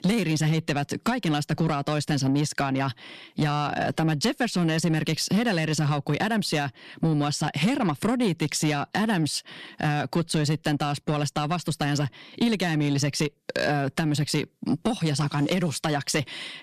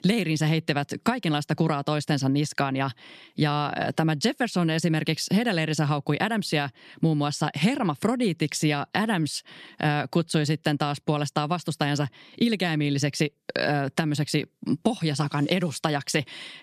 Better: second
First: distortion; slight; 10 dB below the speech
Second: none

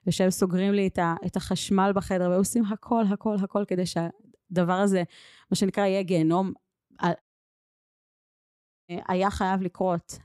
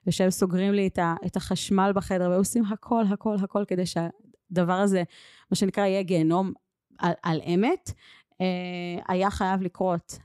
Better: second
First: audio cutting out; at 7 s for 1.5 s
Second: none

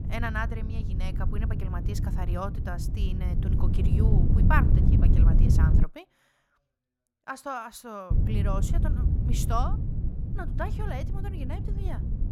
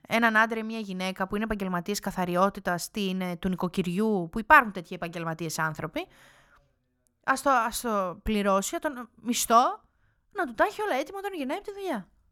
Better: second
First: wind noise on the microphone; heavy; until 6 s and from 8 s on; 4 dB below the speech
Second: none

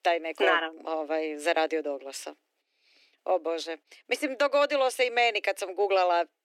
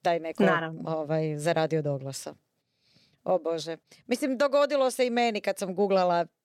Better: second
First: thin; somewhat; fading below 300 Hz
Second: none

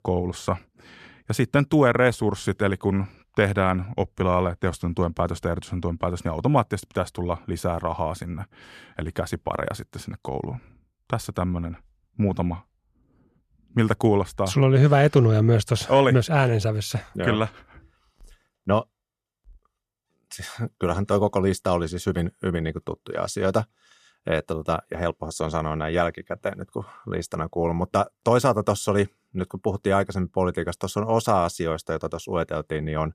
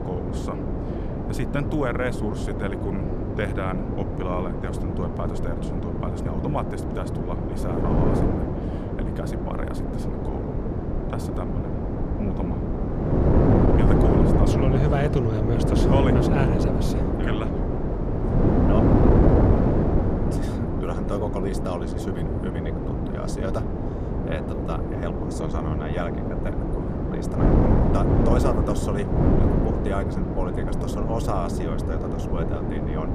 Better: first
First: none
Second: wind noise on the microphone; heavy; 3 dB above the speech

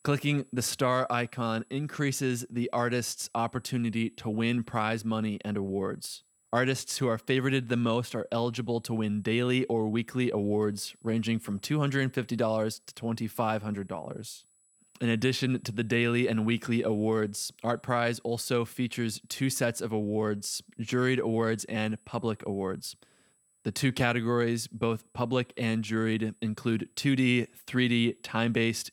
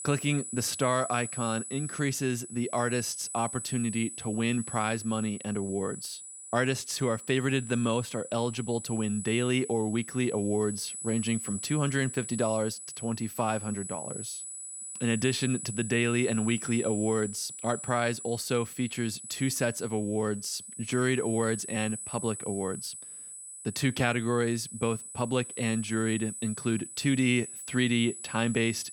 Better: first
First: high-pitched whine; faint; throughout; 8 kHz, 35 dB below the speech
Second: high-pitched whine; loud; throughout; 8 kHz, 8 dB below the speech

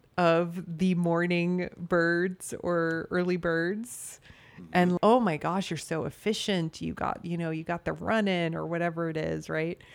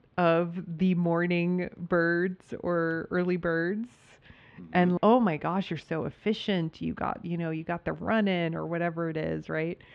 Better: first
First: none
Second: muffled; slightly; fading above 3.5 kHz

